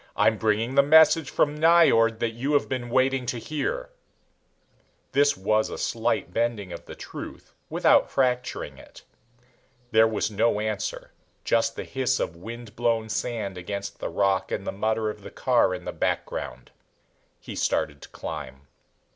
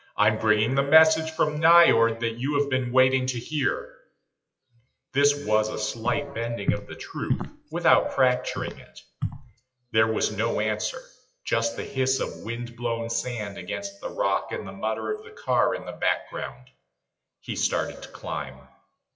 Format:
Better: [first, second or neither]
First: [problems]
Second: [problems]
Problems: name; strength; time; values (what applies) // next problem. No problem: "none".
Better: first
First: none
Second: noise reduction (classical method WPE with log-MMSE)